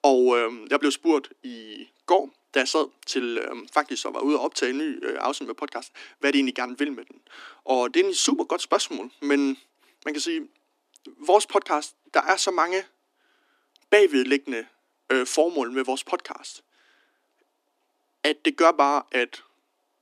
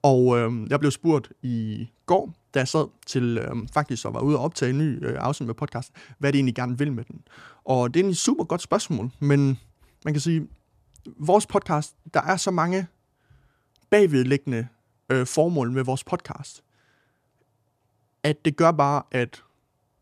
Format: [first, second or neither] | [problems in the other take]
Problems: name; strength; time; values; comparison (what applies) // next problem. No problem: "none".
second | thin; very slightly; fading below 250 Hz